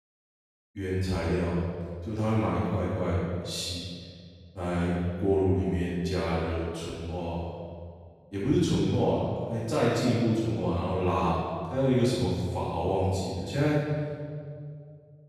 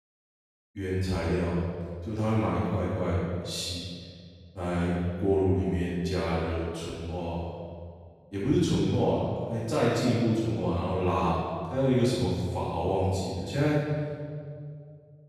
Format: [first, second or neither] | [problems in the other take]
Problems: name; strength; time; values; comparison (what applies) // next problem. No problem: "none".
neither | room echo; strong; dies away in 1.8 s; the same in both // off-mic speech; far; the same in both